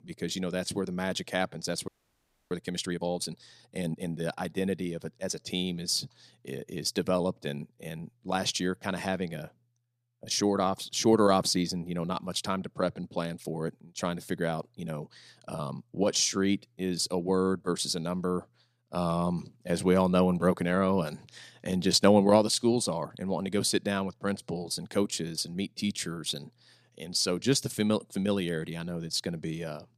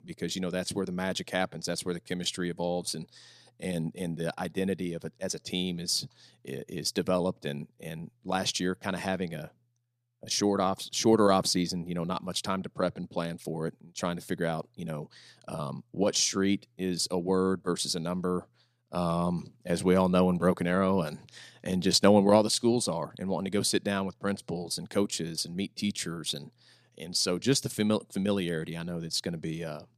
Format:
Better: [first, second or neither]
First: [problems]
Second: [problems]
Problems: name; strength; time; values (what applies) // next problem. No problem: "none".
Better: second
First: audio freezing; at 2 s for 0.5 s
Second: none